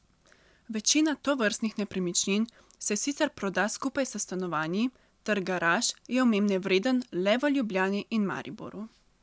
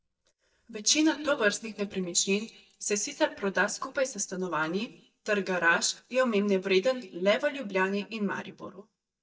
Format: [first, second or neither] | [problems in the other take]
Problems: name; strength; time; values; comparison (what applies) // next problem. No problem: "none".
first | noise reduction (neural mask model DeepFilterNet 3)